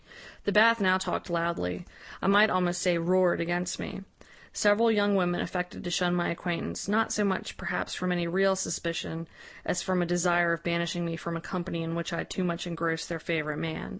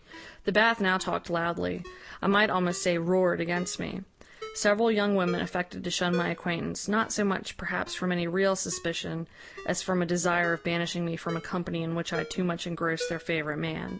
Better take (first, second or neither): first